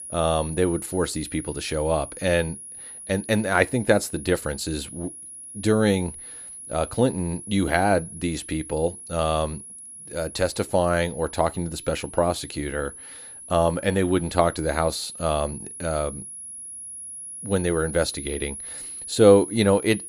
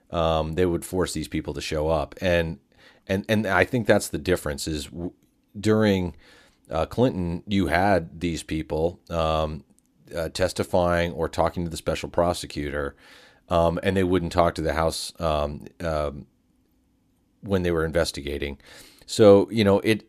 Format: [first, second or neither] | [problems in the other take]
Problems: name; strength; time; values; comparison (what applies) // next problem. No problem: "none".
second | high-pitched whine; noticeable; throughout; 10.5 kHz, 10 dB below the speech